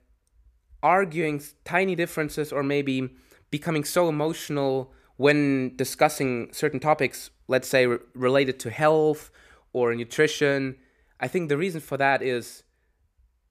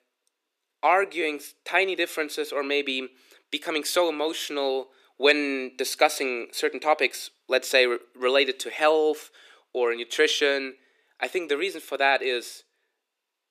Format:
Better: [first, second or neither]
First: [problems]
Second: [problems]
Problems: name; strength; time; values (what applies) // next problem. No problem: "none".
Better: first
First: none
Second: thin; somewhat; fading below 300 Hz